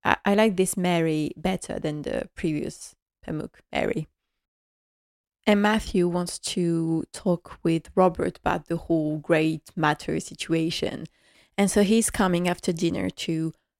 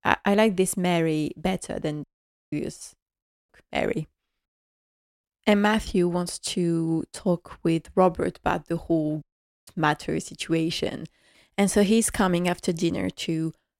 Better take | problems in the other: first | audio cutting out; at 2 s, at 3 s and at 9 s

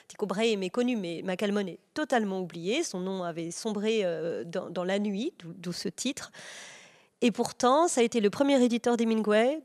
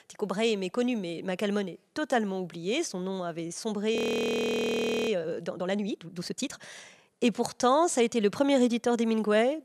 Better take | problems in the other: first | audio freezing; at 4 s for 1 s

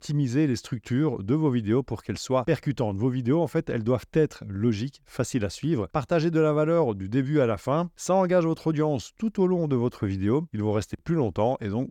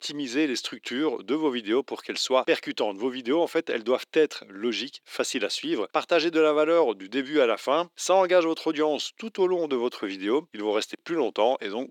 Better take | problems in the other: first | thin; somewhat; fading below 300 Hz

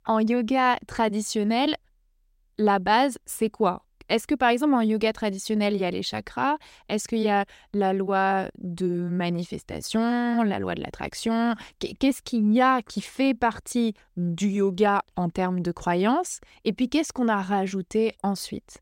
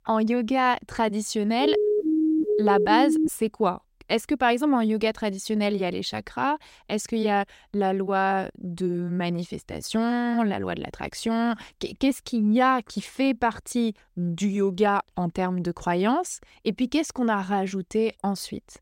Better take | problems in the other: first | siren; loud; from 1.5 to 3.5 s; peak 3 dB above the speech

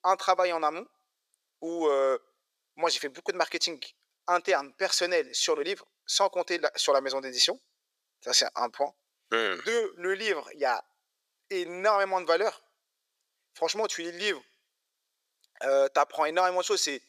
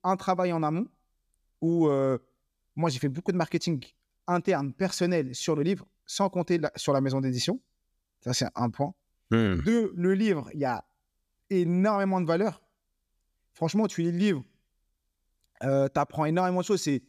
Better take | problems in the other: second | thin; very; fading below 450 Hz

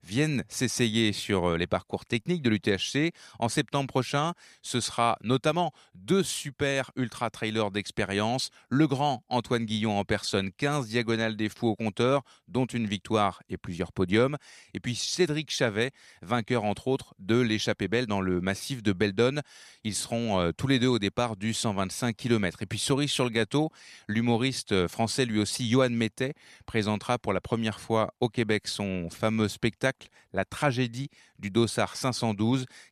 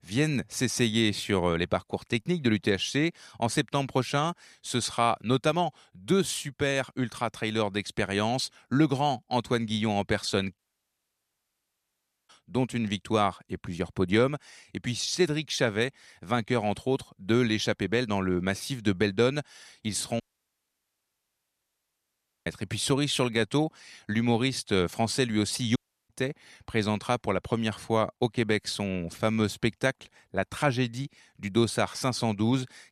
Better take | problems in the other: first | audio cutting out; at 11 s for 1.5 s, at 20 s for 2.5 s and at 26 s

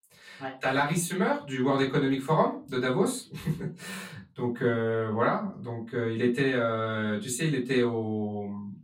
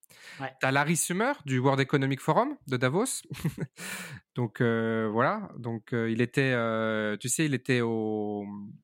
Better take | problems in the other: second | off-mic speech; far // room echo; very slight; dies away in 0.2 s

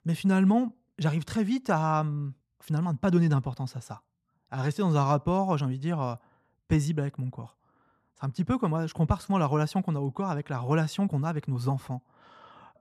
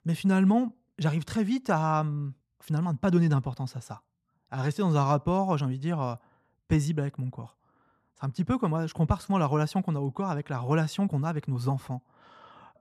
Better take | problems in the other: neither | none

